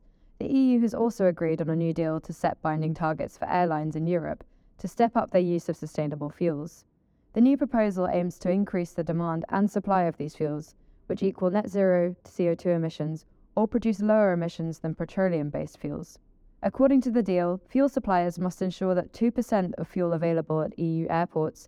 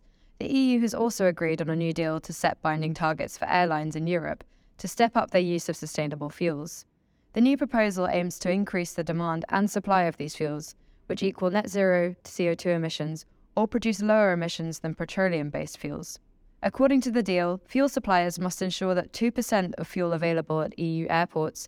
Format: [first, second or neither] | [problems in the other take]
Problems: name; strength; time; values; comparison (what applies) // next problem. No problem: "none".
second | muffled; slightly; fading above 1 kHz